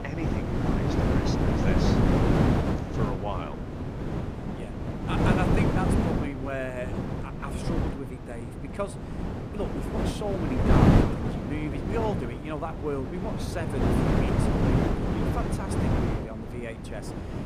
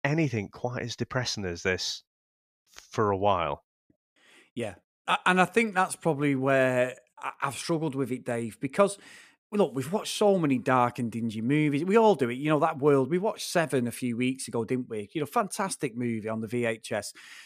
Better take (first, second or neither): second